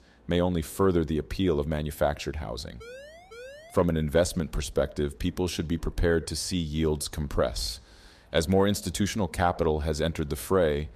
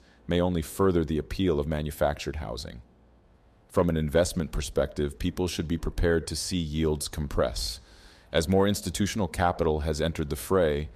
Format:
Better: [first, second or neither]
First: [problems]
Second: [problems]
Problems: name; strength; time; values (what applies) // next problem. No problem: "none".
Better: second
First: siren; faint; from 3 to 4 s; peak 15 dB below the speech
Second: none